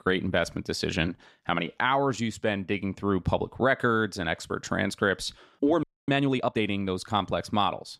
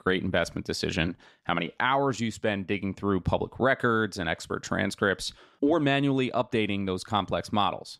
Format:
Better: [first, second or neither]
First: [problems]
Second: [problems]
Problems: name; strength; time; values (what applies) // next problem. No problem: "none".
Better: second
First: audio freezing; at 6 s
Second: none